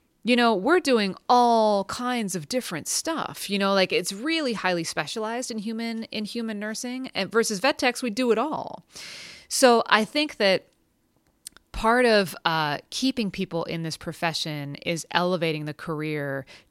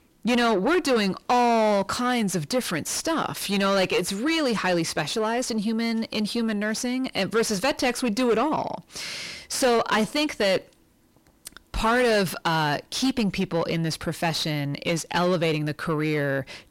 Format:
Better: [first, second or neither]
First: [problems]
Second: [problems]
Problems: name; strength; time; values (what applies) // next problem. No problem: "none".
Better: first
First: none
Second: distortion; heavy; 7 dB below the speech